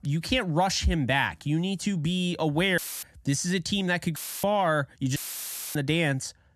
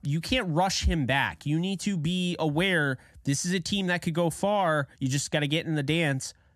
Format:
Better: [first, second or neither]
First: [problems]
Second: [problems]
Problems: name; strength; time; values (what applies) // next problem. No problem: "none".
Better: second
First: audio cutting out; filled with static; at 3 s, at 4 s and at 5 s for 0.5 s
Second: none